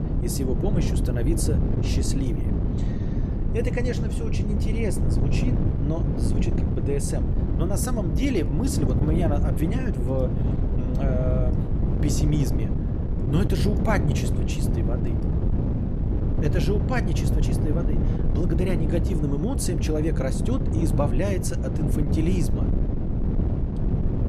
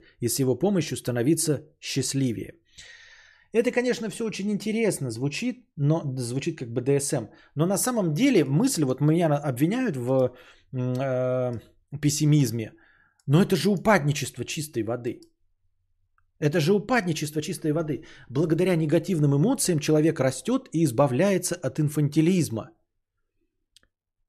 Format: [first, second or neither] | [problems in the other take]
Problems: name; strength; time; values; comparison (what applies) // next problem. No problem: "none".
second | wind noise on the microphone; heavy; 3 dB below the speech